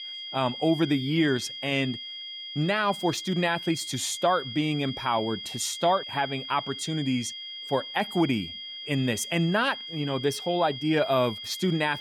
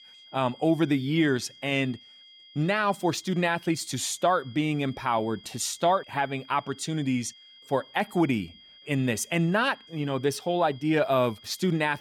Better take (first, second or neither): second